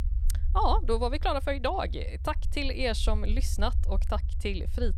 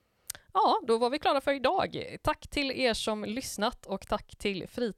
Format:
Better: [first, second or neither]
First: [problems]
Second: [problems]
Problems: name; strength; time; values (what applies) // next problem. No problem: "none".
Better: second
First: low rumble; faint; throughout; 20 dB below the speech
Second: none